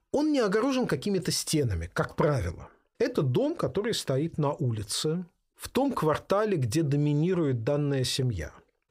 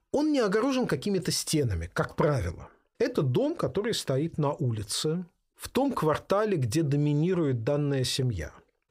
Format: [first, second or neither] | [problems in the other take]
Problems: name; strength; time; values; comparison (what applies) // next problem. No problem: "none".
neither | none